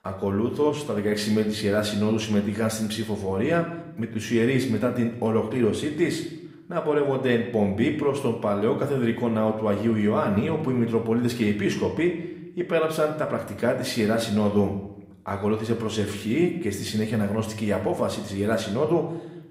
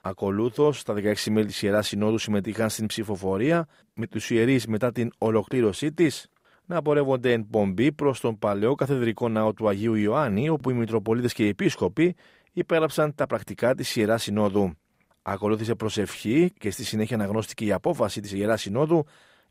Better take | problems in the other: second | room echo; slight; dies away in 0.7 s // off-mic speech; somewhat distant

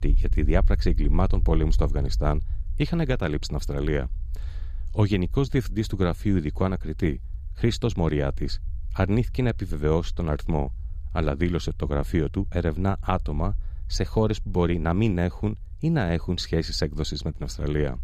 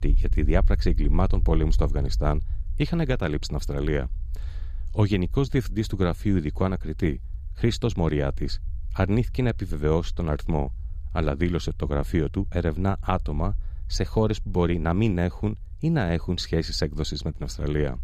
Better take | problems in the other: neither | low rumble; faint; throughout; 25 dB below the speech; the same in both

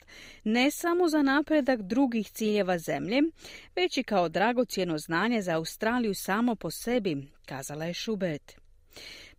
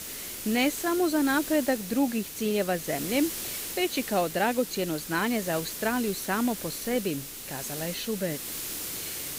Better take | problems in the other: first | hiss; loud; throughout; 6 dB below the speech

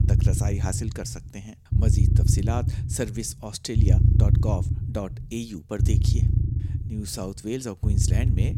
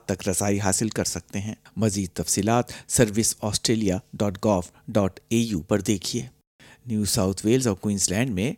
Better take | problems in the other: second | low rumble; loud; throughout; 3 dB below the speech

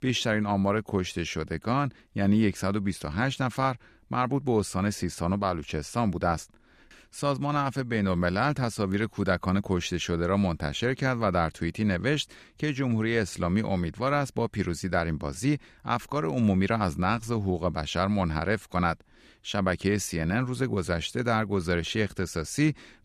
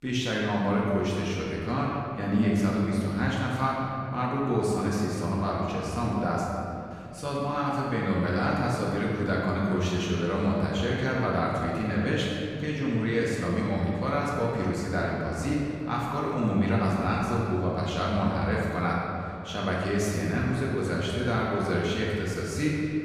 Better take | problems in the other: first | room echo; strong; dies away in 2.3 s // off-mic speech; far

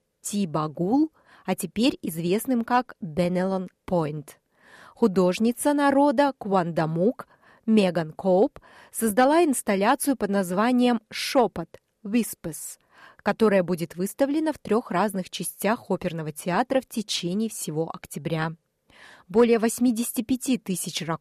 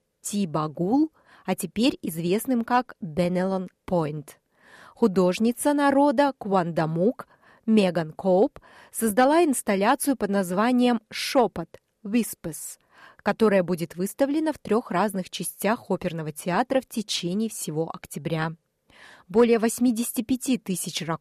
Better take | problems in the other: neither | none

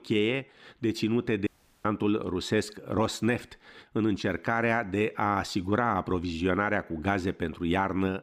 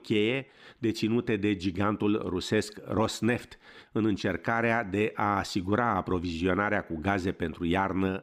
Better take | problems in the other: second | audio cutting out; at 1.5 s

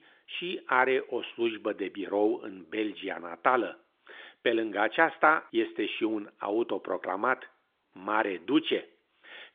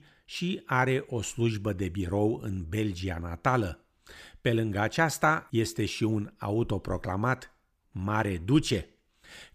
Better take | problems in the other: second | phone-call audio; nothing above 3.5 kHz

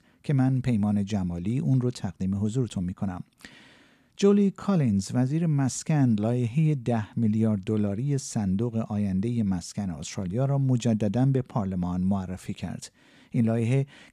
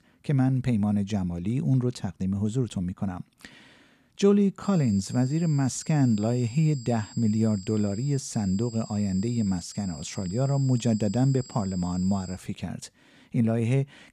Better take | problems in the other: first | high-pitched whine; noticeable; from 4.5 to 12 s; 7.5 kHz, 20 dB below the speech

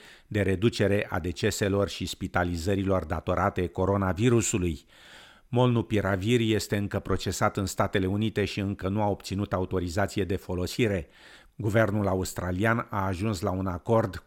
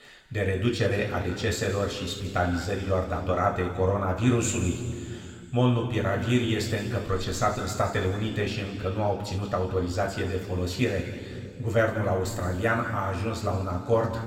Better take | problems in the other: first | room echo; noticeable; dies away in 2.2 s // off-mic speech; somewhat distant

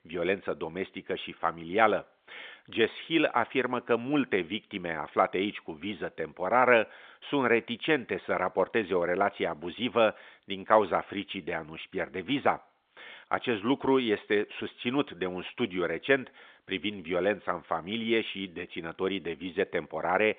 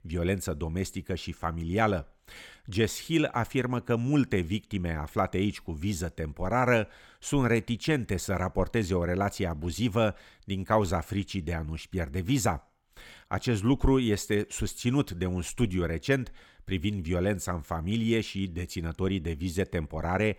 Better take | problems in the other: second | phone-call audio; nothing above 3.5 kHz

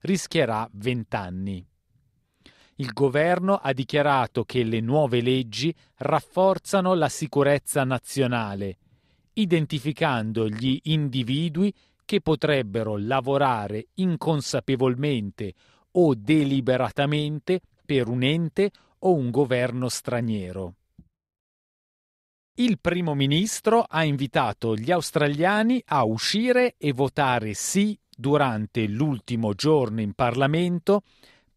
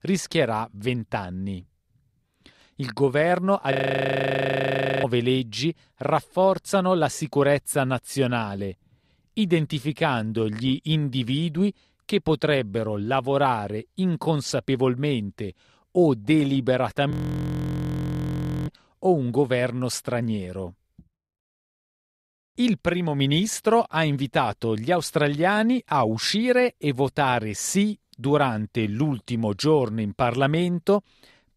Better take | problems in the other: first | audio freezing; at 3.5 s for 1.5 s and at 17 s for 1.5 s

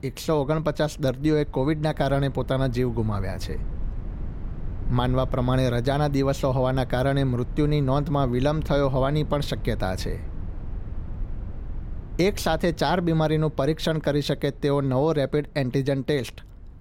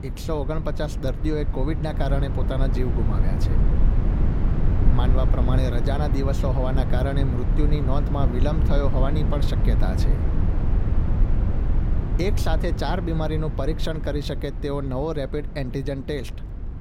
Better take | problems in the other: first | low rumble; loud; throughout; 6 dB below the speech; faint in the first

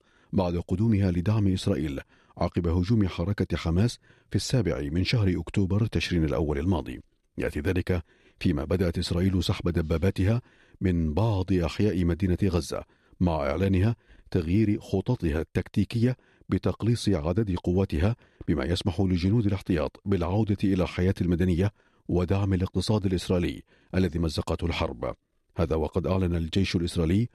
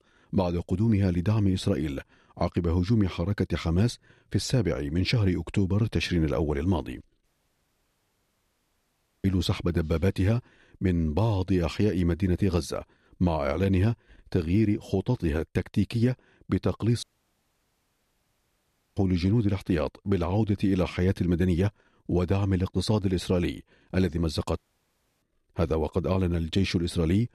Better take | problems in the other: first | audio cutting out; at 7.5 s for 2 s, at 17 s for 2 s and at 25 s for 0.5 s

